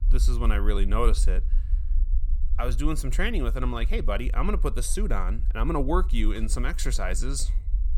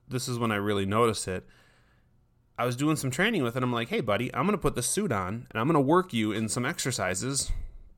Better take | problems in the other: second | low rumble; faint; throughout; 20 dB below the speech

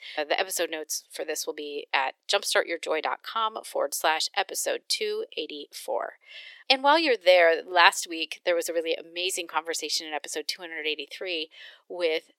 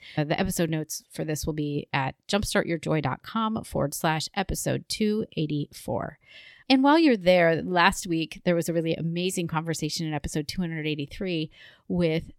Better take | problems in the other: second | thin; very; fading below 400 Hz

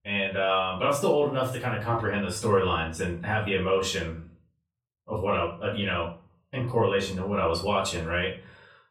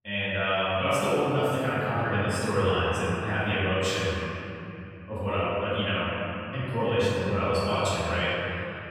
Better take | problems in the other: first | room echo; strong; dies away in 3 s; slight in the first // off-mic speech; far; far in the first

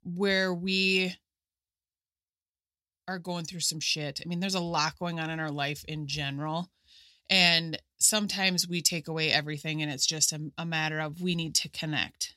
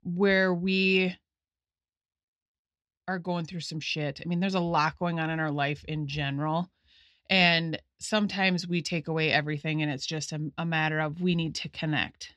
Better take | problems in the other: first | muffled; slightly; fading above 2.5 kHz

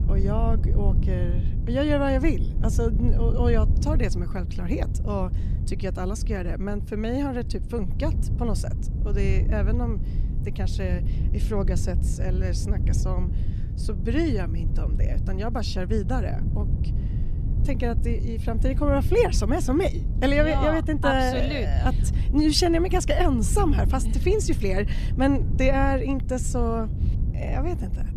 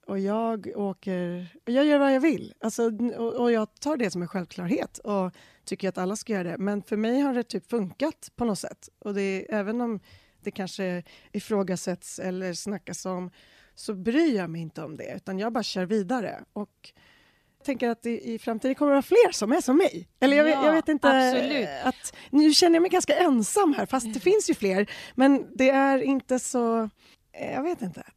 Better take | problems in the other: second | wind noise on the microphone; occasional gusts; 15 dB below the speech

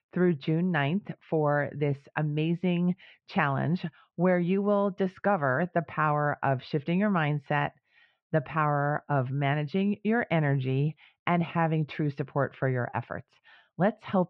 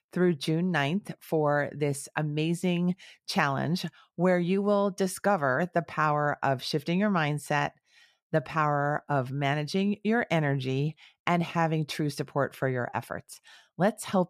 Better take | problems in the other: second | muffled; very; fading above 3 kHz

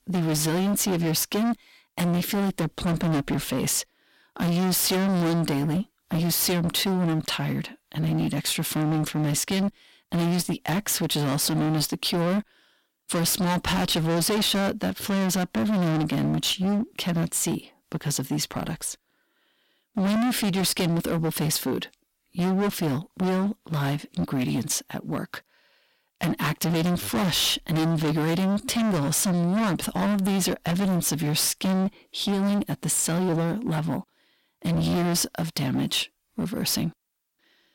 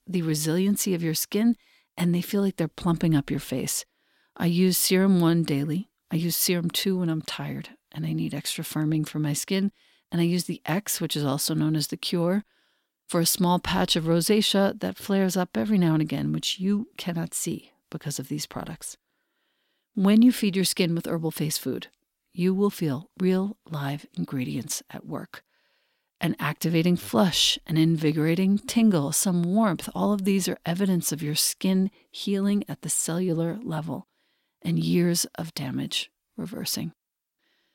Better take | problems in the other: second | distortion; heavy; 29% of the sound clipped

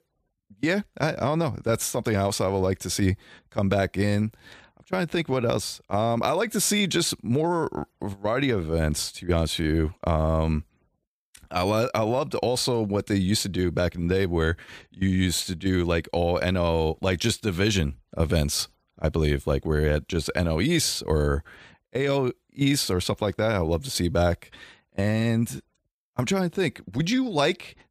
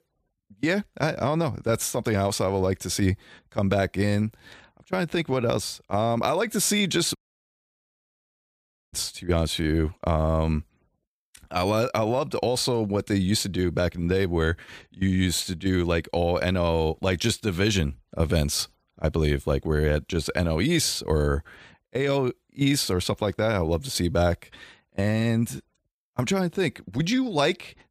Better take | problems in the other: first | audio cutting out; at 7 s for 2 s

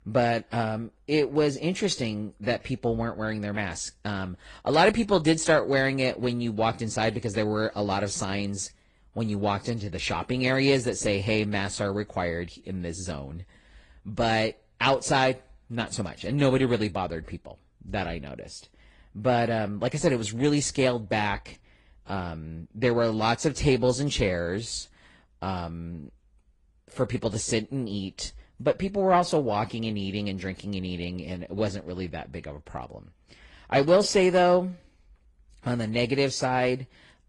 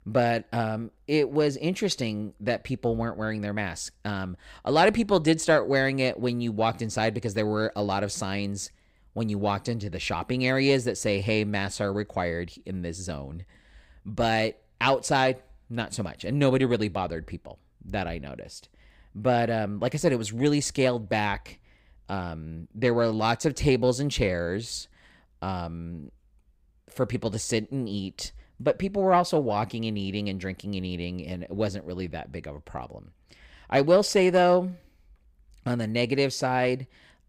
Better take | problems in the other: second | garbled, watery; slightly

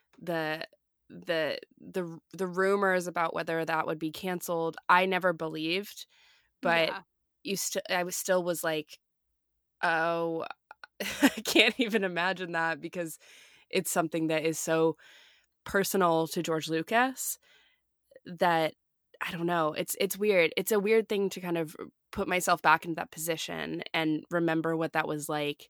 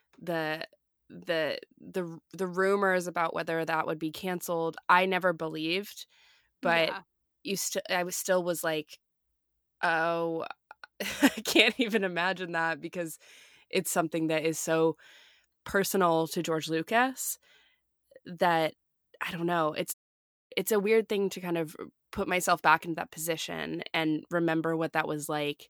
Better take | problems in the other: first | audio cutting out; at 20 s for 0.5 s

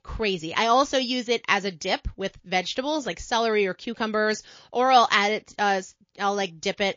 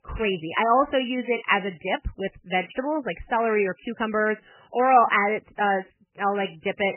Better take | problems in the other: first | garbled, watery; badly; nothing above 3 kHz; slightly in the first

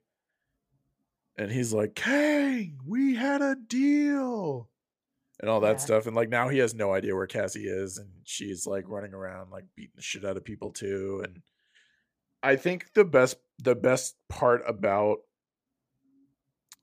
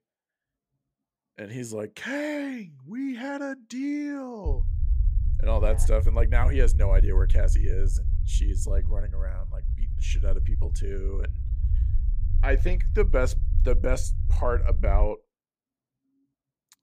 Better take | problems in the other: first | low rumble; noticeable; from 4.5 to 15 s; 15 dB below the speech

